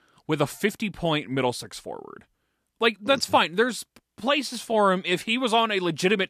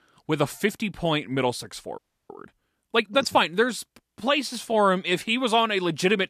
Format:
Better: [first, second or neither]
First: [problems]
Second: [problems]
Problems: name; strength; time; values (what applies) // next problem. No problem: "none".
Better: first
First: none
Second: audio freezing; at 2 s